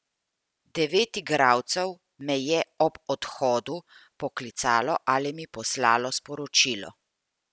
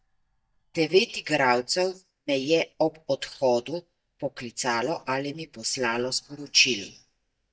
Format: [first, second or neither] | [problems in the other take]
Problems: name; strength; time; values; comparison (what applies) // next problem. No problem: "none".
first | noise reduction (neural mask model DeepFilterNet 3)